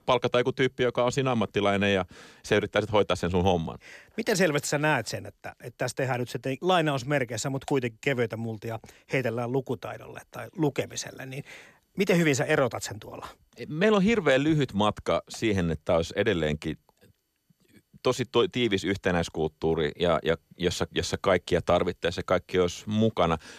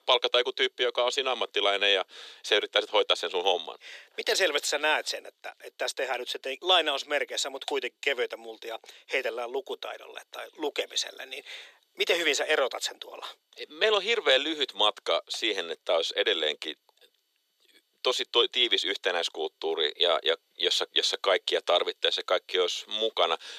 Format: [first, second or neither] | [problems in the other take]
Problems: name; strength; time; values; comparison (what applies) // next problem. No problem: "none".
first | thin; very; fading below 400 Hz